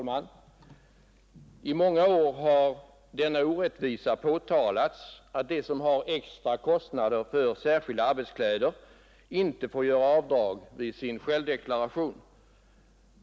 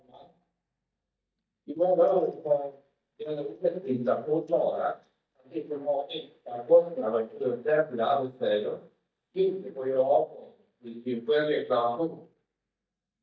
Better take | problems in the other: first | noise reduction (neural mask model DeepFilterNet 3)

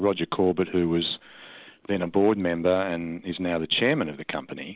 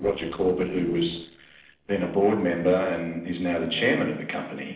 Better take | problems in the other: first | noise reduction (neural separator model SepFormer DNS4)

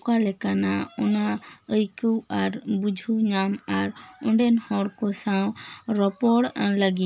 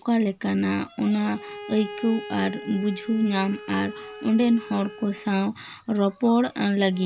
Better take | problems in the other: first | background sound (Bowed string instrument); 17 dB below the speech

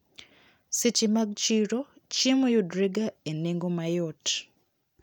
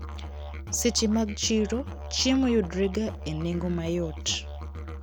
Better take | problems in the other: first | background sound (Musical instrument); 8 dB below the speech

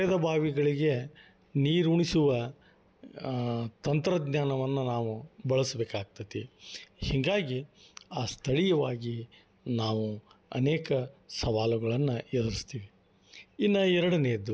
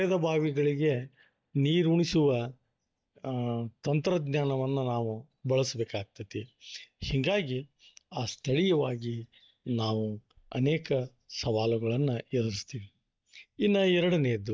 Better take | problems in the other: first | noise reduction (neural mask model DeepFilterNet 3)

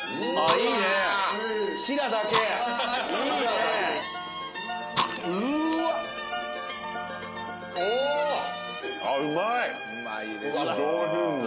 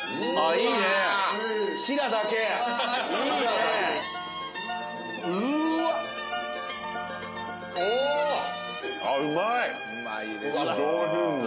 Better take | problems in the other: second | background sound (Fire); 8 dB below the speech

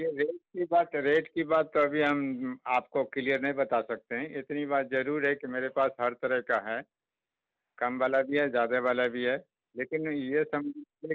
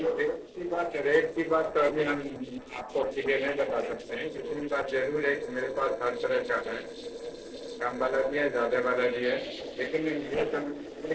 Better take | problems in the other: first | noise reduction (neural separator model SepFormer DNS4)

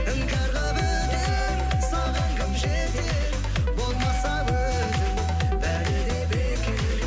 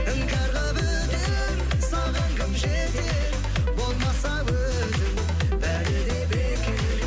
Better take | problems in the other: second | background sound (Wind instrument, woodwind instrument); 12 dB below the speech

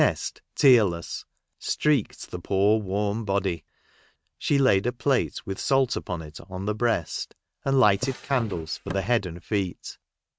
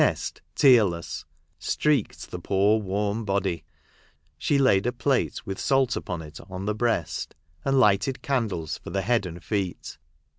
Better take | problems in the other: second | noise reduction (neural mask model RNNoise)

